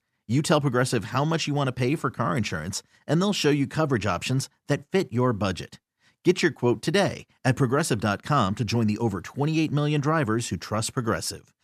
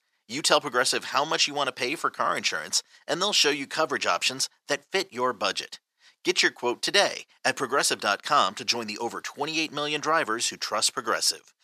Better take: first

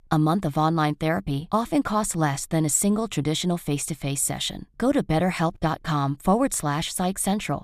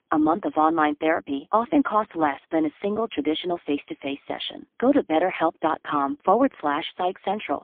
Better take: first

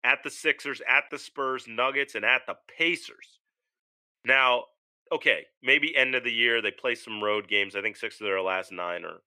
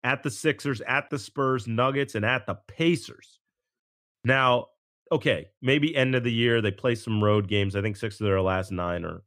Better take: second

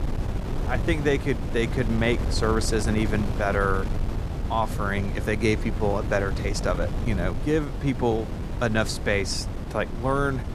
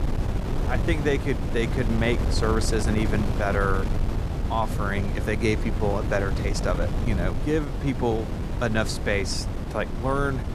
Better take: first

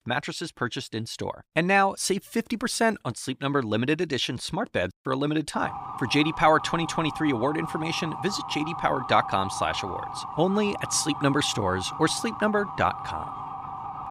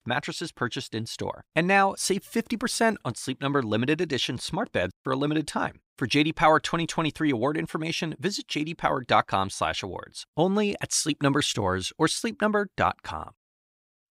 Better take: second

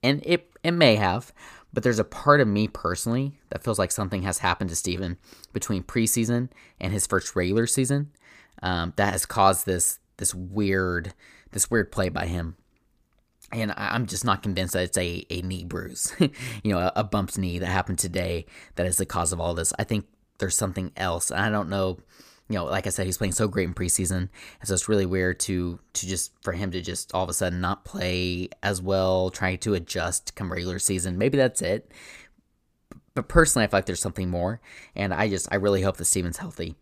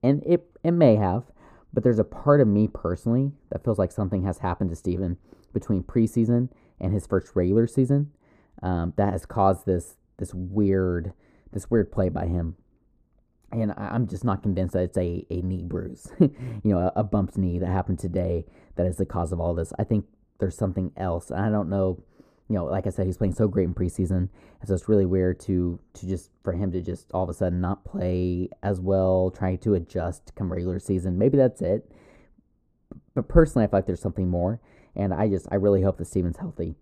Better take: first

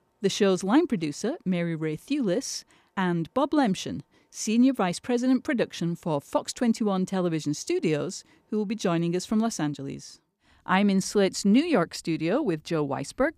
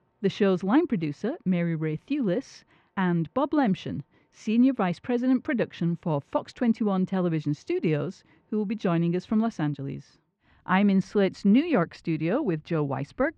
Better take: first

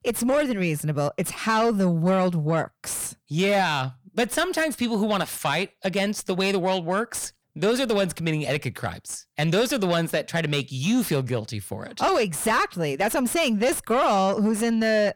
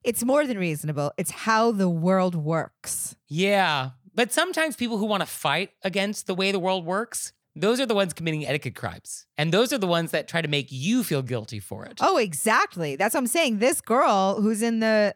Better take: second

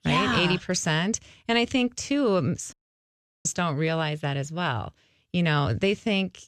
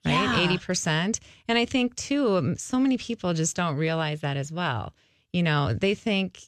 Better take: second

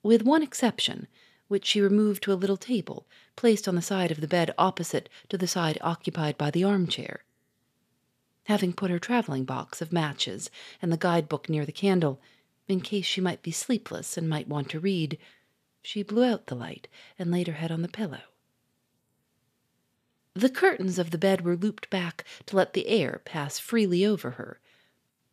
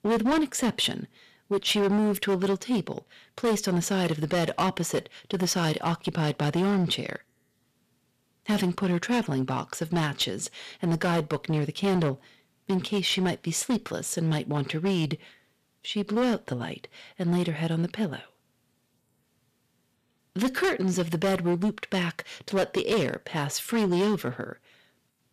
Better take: first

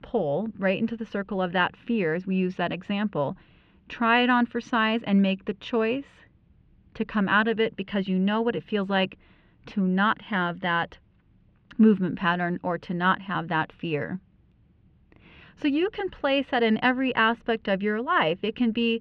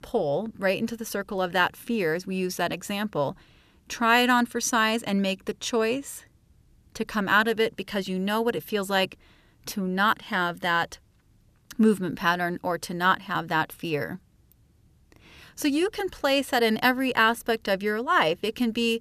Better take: second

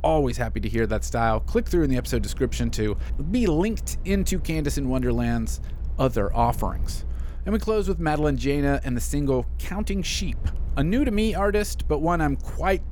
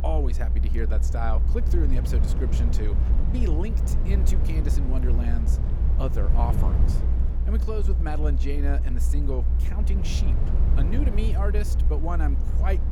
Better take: first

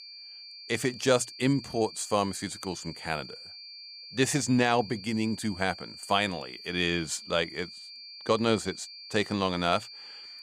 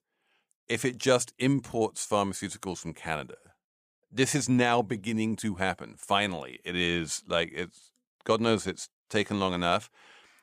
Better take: second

